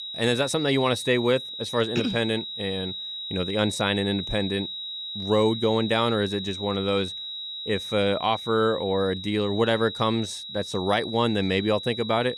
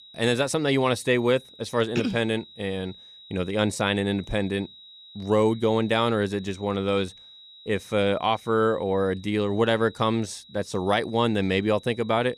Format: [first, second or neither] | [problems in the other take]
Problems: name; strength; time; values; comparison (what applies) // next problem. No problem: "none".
second | high-pitched whine; loud; throughout; 4 kHz, 7 dB below the speech; faint in the second